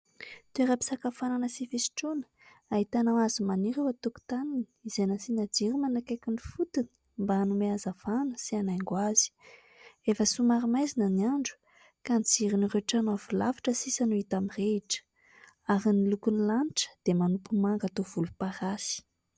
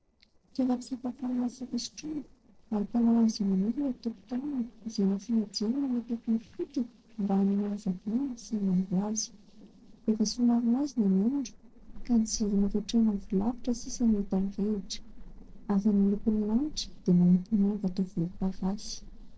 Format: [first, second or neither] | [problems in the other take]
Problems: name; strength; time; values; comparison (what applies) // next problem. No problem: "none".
first | noise reduction (neural separator model SepFormer DNS4)